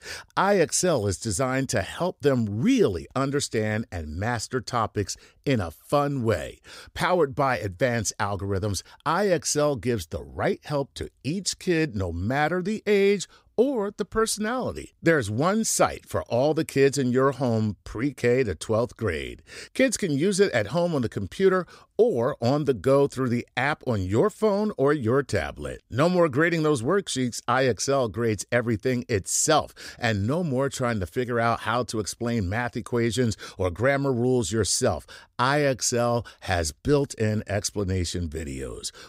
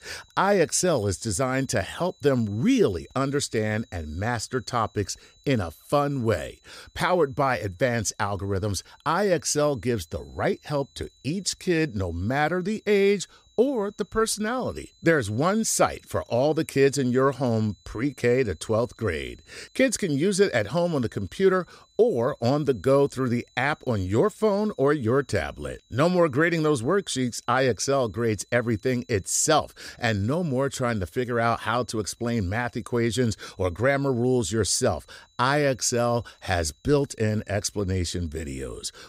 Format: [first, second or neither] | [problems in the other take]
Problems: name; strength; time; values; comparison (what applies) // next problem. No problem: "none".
first | high-pitched whine; faint; throughout; 4 kHz, 35 dB below the speech